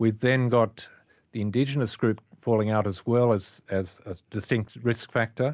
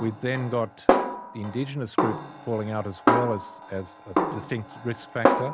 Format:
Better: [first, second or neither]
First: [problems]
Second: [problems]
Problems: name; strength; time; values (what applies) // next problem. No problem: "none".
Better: first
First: none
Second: background sound (Snare drum); 3 dB above the speech